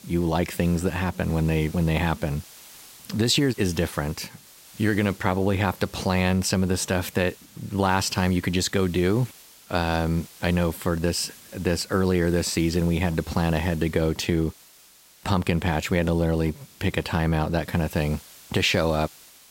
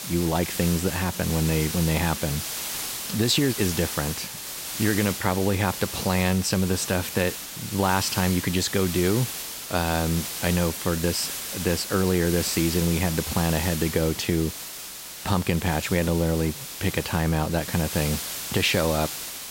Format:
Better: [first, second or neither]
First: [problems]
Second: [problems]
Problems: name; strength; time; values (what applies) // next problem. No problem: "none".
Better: first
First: hiss; faint; throughout; 20 dB below the speech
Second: hiss; loud; throughout; 6 dB below the speech